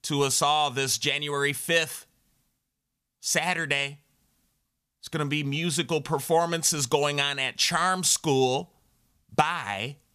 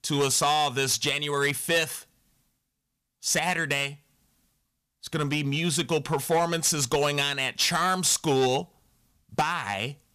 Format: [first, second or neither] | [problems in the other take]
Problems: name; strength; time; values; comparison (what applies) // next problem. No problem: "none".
first | distortion; slight; 5% of the sound clipped